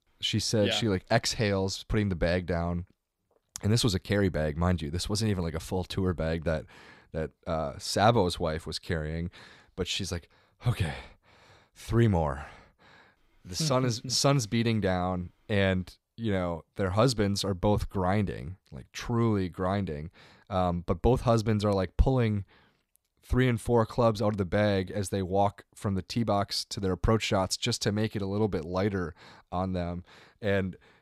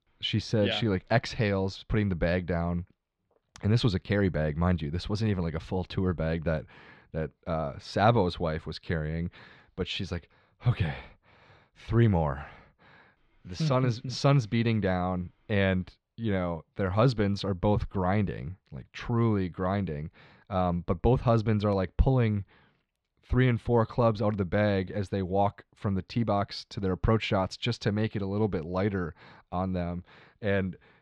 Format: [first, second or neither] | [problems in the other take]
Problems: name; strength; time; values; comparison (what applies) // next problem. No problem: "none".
first | muffled; slightly; fading above 3 kHz